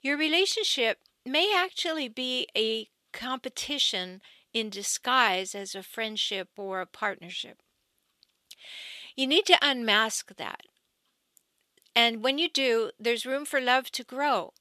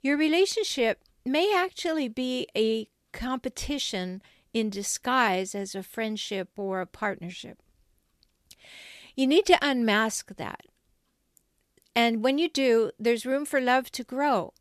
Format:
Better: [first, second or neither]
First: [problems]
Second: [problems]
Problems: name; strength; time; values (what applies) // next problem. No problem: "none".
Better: second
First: thin; very slightly; fading below 500 Hz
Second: none